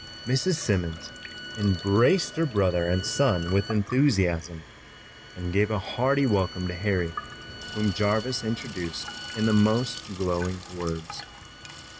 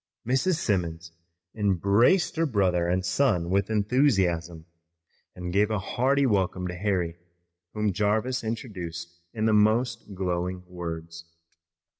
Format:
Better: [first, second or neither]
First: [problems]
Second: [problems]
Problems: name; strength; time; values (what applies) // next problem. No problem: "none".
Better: second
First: background sound (Bowed string instrument + Sink (filling or washing) / Water tap, faucet); 13 dB below the speech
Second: none